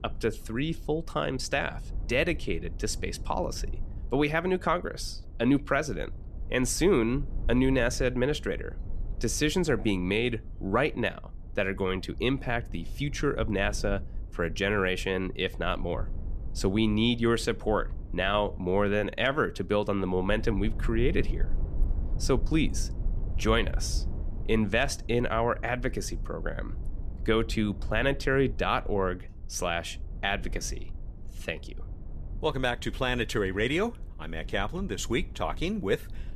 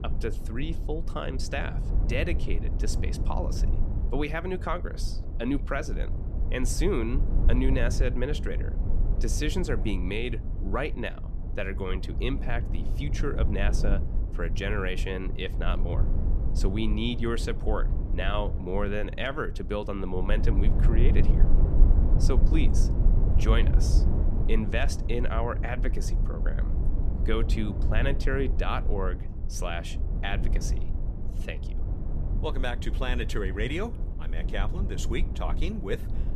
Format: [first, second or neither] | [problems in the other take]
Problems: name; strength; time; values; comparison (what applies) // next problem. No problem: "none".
first | low rumble; loud; throughout; 10 dB below the speech; faint in the first